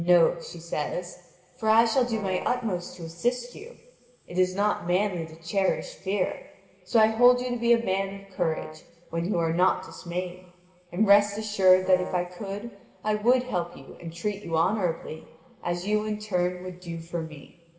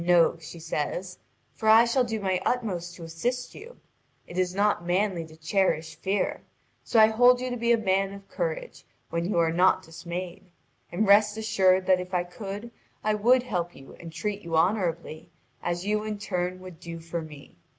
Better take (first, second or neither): second